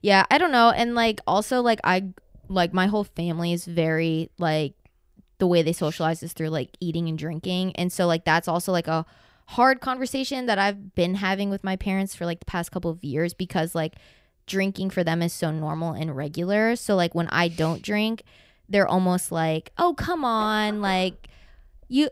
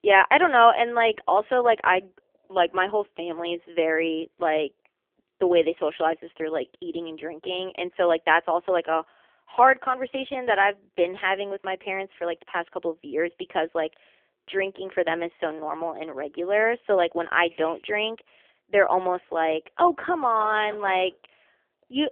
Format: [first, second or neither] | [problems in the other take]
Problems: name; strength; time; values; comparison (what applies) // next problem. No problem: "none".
first | phone-call audio; poor line; nothing above 3.5 kHz